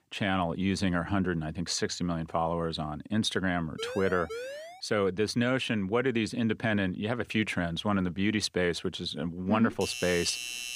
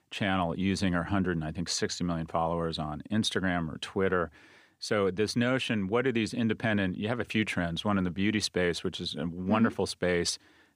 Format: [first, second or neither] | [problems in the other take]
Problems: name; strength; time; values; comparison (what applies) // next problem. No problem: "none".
second | siren; noticeable; from 4 to 5 s; peak 9 dB below the speech // doorbell; noticeable; from 9.5 s on; peak 5 dB below the speech